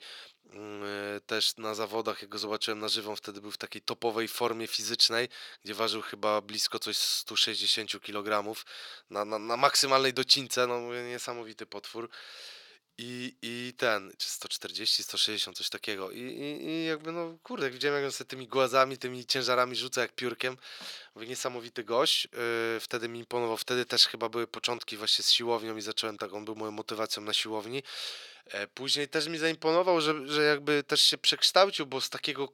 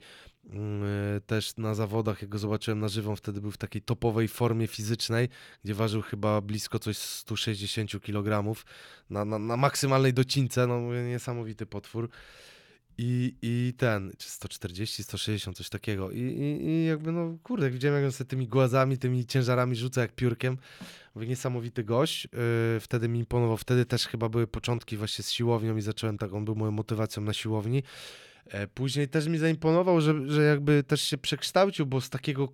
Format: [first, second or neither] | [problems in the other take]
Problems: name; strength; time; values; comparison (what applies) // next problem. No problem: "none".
second | thin; very; fading below 450 Hz